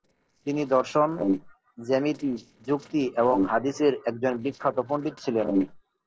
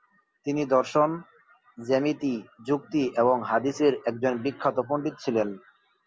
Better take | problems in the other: second | noise reduction (neural separator model SepFormer DNS4)

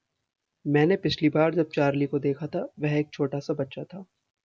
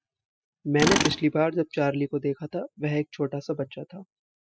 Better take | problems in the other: first | noise reduction (classical method spectral subtraction)

